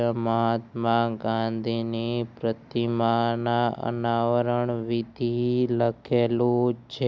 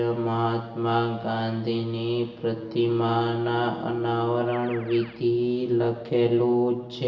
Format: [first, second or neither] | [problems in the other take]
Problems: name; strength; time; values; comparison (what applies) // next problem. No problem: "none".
first | background sound (Keyboard (musical)); 20 dB below the speech // room echo; dies away in 1.1 s